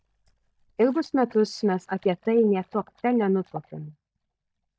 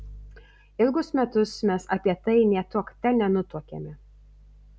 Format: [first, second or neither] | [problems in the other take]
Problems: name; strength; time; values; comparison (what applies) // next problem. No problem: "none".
second | noise reduction (neural mask model DeepFilterNet 3)